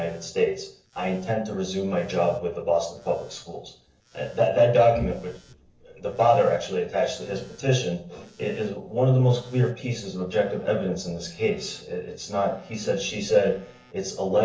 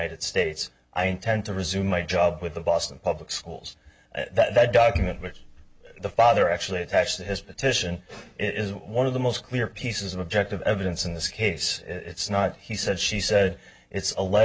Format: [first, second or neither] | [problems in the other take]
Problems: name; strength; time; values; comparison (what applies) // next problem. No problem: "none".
second | noise reduction (neural separator model SepFormer DNS4)